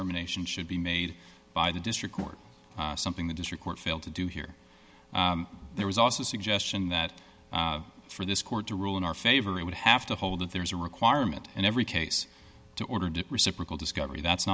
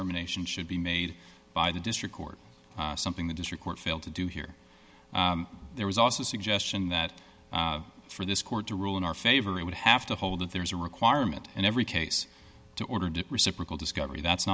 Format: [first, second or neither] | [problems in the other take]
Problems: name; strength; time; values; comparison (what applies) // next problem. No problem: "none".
second | background sound (Drum); 18 dB below the speech